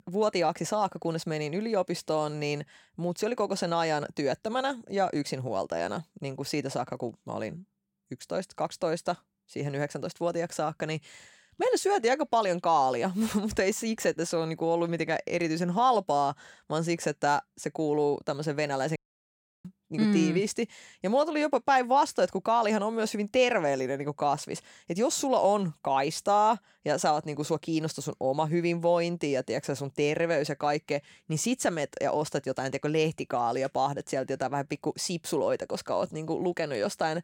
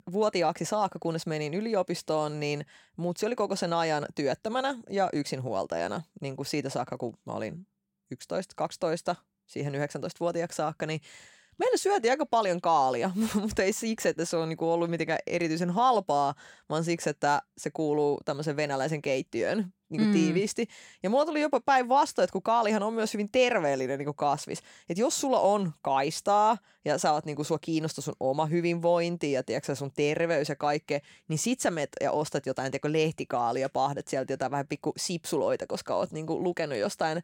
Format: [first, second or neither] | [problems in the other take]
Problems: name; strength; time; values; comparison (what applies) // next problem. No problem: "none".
second | audio cutting out; at 19 s for 0.5 s